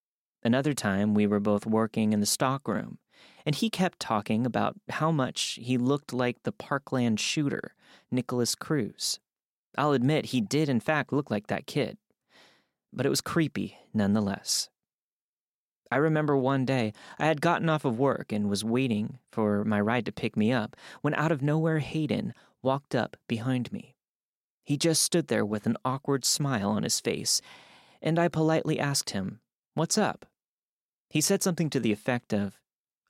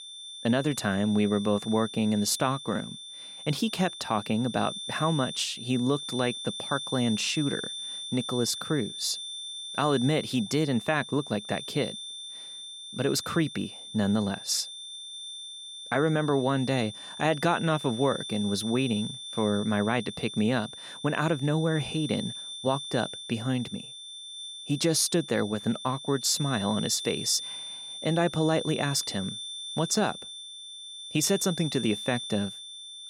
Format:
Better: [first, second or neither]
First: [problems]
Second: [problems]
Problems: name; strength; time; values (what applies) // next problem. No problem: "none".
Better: first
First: none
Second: high-pitched whine; loud; throughout; 3.5 kHz, 9 dB below the speech